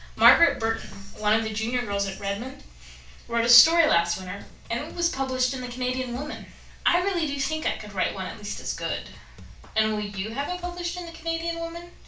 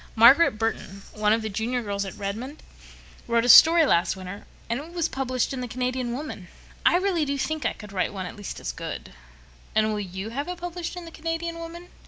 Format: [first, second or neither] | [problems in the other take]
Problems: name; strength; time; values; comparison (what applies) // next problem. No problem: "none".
second | background sound (Drum kit); 19 dB below the speech // room echo; dies away in 0.3 s